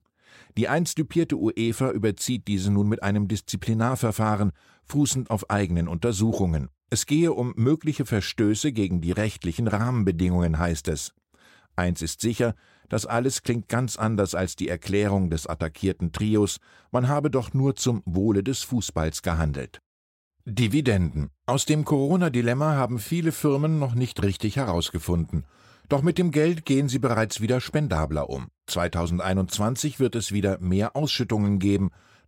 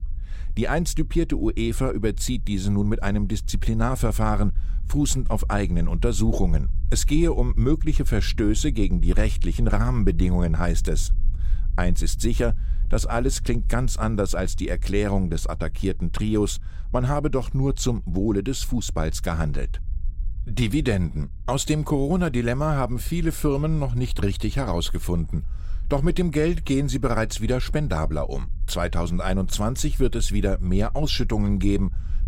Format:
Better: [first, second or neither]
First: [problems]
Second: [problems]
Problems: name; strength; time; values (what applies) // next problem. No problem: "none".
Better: first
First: none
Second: low rumble; faint; throughout; 25 dB below the speech